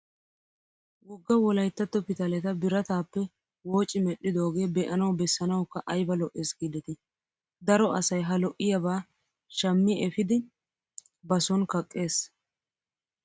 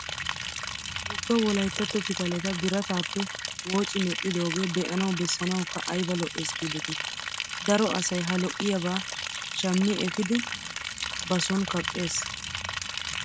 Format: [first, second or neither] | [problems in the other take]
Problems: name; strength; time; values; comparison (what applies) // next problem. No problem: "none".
first | background sound (Liquid); 4 dB below the speech